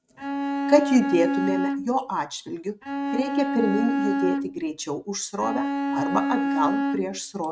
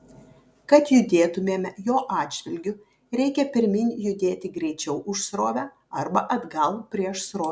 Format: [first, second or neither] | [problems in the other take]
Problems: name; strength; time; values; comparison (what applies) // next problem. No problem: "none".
second | noise reduction (neural mask model RNNoise)